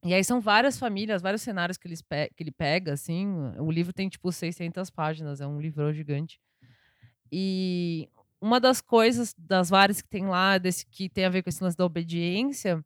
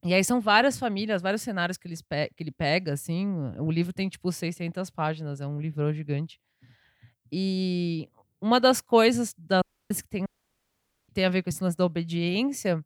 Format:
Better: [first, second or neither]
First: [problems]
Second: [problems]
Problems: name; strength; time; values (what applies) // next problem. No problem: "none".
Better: first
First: none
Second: audio cutting out; at 9.5 s and at 10 s for 1 s